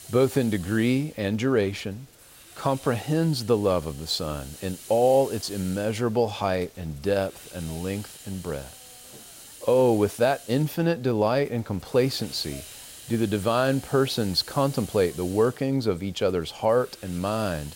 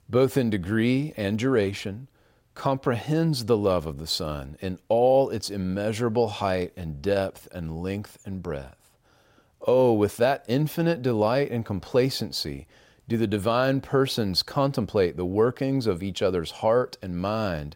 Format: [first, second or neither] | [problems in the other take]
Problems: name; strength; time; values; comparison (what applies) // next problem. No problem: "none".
second | hiss; noticeable; throughout; 20 dB below the speech